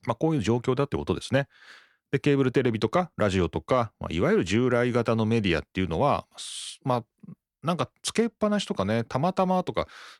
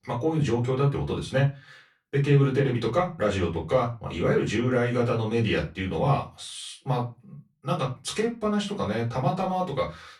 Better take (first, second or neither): first